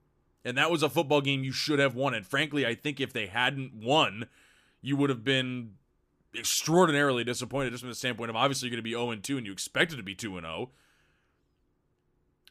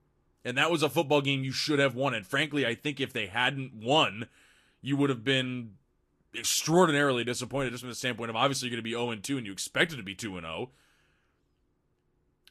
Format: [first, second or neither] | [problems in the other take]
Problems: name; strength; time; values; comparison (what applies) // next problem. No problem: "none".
first | garbled, watery; slightly; nothing above 13 kHz